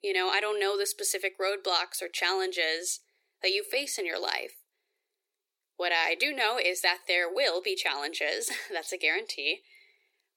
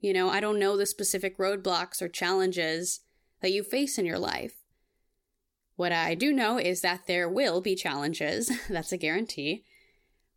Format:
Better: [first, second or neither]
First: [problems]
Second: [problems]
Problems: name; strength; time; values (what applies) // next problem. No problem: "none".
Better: second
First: thin; very; fading below 400 Hz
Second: none